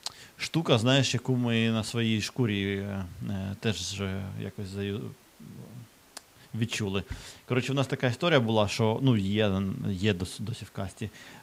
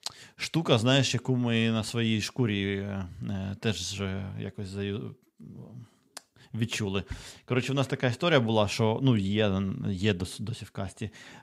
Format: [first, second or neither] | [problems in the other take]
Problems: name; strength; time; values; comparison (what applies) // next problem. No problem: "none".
second | hiss; faint; throughout; 30 dB below the speech